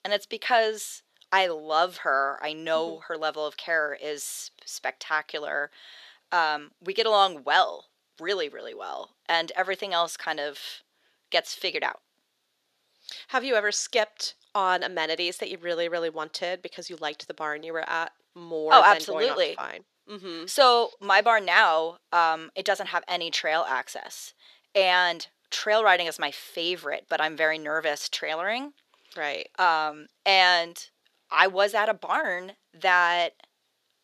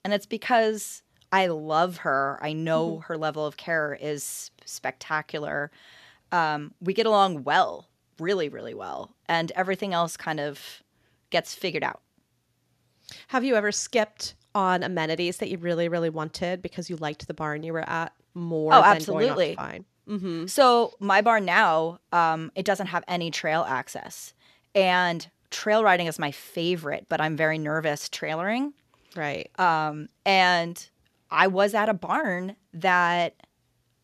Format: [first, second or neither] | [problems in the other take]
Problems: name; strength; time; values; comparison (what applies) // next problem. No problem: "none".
second | thin; somewhat; fading below 500 Hz